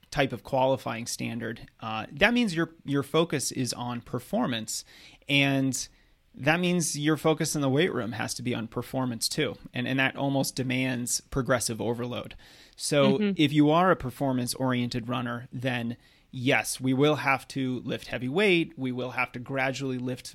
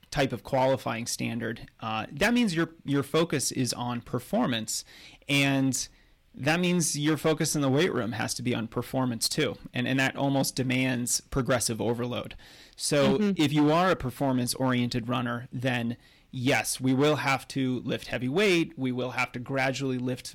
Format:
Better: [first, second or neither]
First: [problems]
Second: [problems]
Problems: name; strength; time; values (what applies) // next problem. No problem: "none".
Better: first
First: none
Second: distortion; slight; 5% of the sound clipped